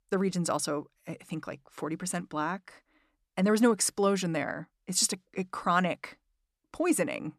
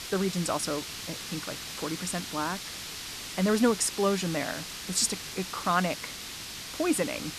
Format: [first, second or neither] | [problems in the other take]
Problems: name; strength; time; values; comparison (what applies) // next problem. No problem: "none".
first | hiss; loud; throughout; 7 dB below the speech